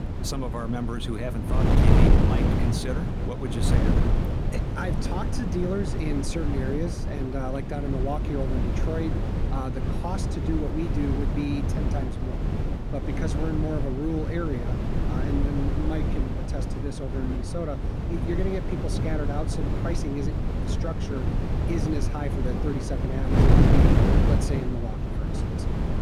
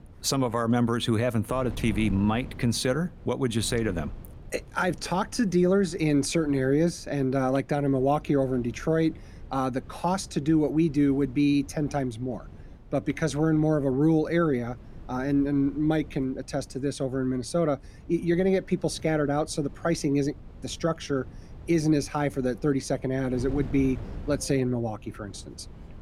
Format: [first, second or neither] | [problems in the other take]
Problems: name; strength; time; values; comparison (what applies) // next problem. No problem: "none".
second | wind noise on the microphone; heavy; 1 dB above the speech; occasional gusts in the second